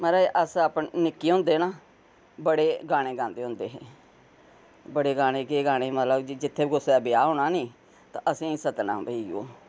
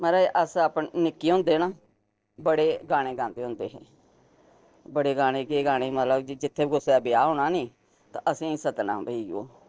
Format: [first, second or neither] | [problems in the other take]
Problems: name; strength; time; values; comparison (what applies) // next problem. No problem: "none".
first | noise reduction (neural separator model SepFormer DNS4)